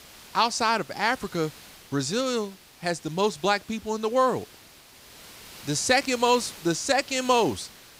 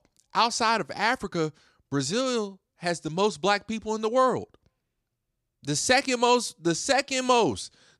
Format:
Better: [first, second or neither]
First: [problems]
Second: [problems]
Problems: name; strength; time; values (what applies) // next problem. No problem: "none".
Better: second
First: hiss; noticeable; throughout; 20 dB below the speech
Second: none